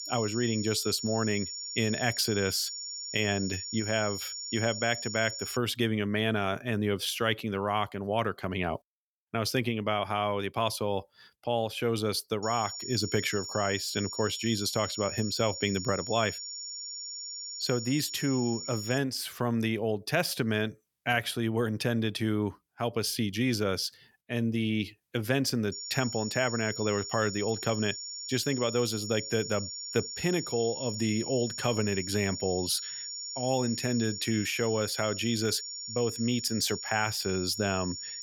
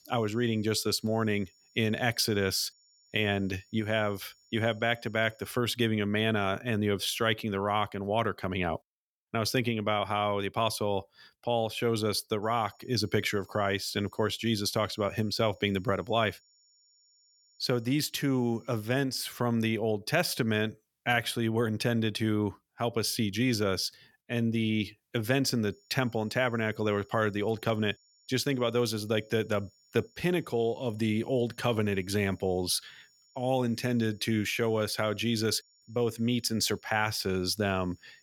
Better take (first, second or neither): second